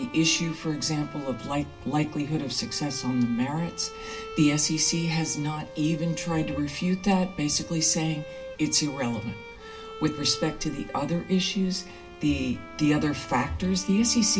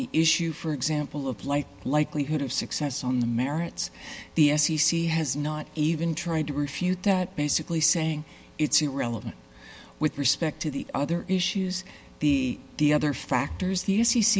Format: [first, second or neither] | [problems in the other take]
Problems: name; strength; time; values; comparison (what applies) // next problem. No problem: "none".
second | background sound (Bowed string instrument); 15 dB below the speech // room echo; dies away in 0.3 s